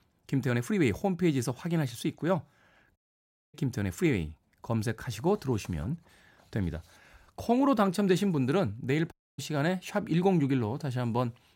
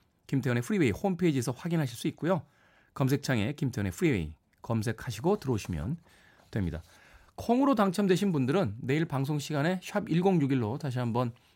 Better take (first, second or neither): second